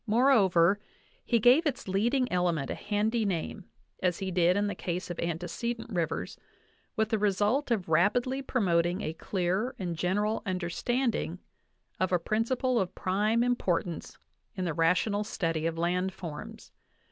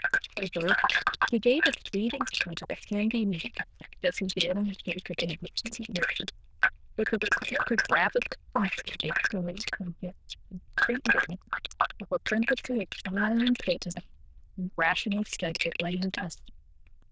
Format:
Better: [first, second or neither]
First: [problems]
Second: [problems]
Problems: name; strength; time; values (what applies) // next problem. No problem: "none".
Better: first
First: none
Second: noise reduction (neural diffusion model UNIVERSE++)